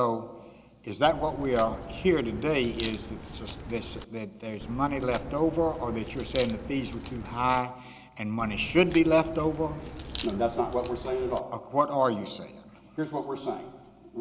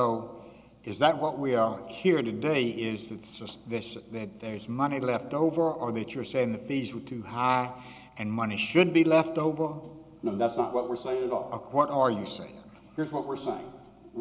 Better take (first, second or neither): second